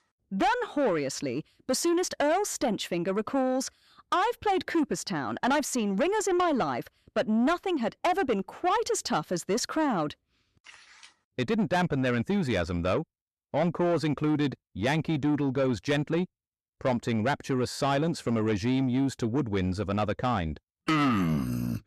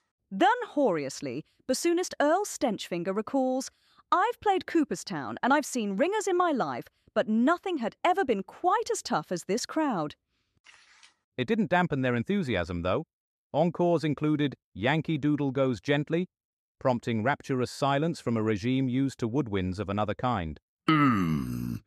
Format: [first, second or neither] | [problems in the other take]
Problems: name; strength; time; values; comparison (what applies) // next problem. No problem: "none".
second | distortion; slight; 10 dB below the speech